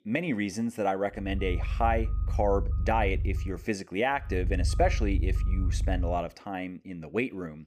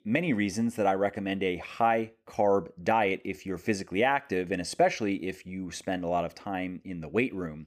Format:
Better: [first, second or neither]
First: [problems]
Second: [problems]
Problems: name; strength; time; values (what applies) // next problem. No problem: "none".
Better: second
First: low rumble; noticeable; from 1.5 to 3.5 s and from 4.5 to 6 s; 20 dB below the speech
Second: none